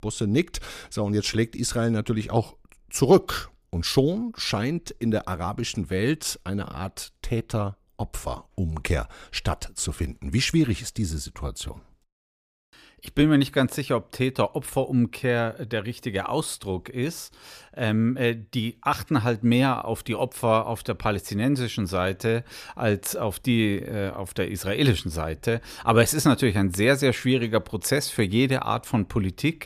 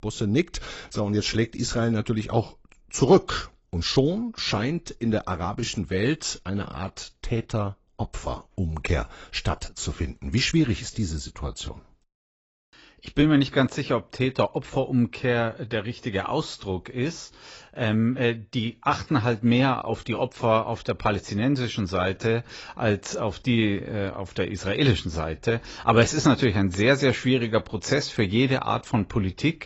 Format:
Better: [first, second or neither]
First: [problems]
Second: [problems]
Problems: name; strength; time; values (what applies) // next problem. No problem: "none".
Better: first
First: none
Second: garbled, watery; badly; nothing above 7.5 kHz